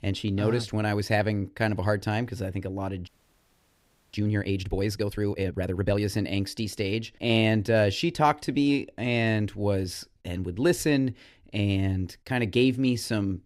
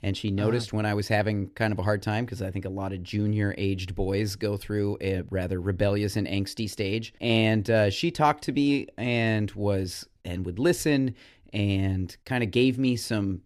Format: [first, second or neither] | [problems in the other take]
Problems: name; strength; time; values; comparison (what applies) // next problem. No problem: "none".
second | audio freezing; at 3 s for 1 s